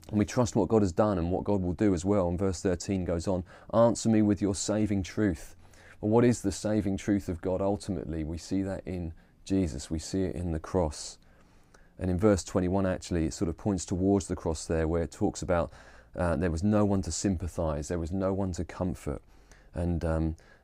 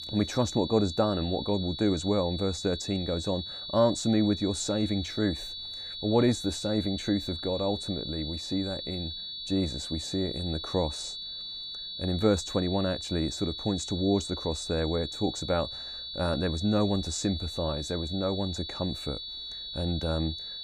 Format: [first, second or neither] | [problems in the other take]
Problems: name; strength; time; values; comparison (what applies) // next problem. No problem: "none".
first | high-pitched whine; loud; throughout; 4 kHz, 6 dB below the speech